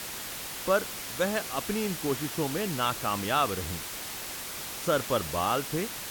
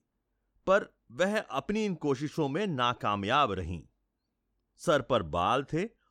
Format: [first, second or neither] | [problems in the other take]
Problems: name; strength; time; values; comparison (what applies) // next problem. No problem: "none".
second | hiss; loud; throughout; 5 dB below the speech